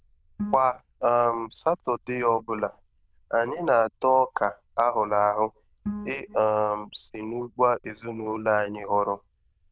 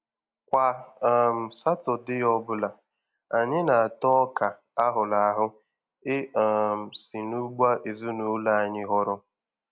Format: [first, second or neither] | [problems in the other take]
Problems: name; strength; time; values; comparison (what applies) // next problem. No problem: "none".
second | noise reduction (neural diffusion model UNIVERSE++)